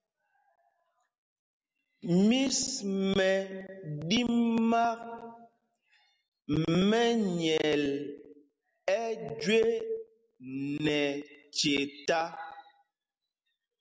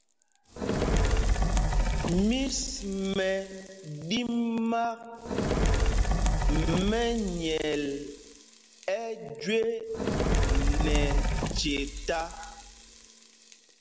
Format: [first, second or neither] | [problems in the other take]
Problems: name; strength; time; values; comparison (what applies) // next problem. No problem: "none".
first | background sound (Fire); 3 dB above the speech